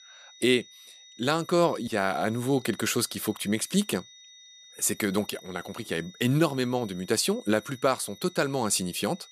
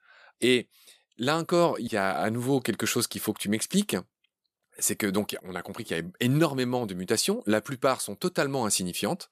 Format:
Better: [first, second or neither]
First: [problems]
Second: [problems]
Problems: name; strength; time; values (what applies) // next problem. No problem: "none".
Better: second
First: high-pitched whine; faint; throughout; 3.5 kHz, 20 dB below the speech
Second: none